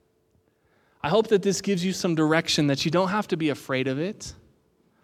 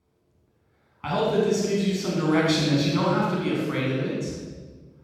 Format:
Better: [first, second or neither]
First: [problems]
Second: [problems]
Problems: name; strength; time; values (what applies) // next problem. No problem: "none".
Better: first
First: none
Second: off-mic speech; far // room echo; strong; dies away in 1.3 s